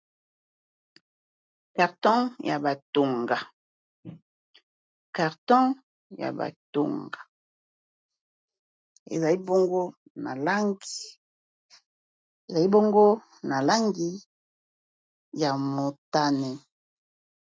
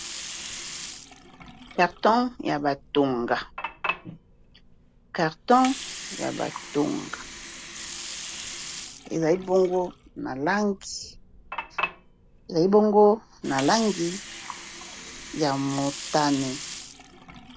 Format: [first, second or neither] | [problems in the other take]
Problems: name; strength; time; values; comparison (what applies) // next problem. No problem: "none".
first | background sound (Water); 12 dB below the speech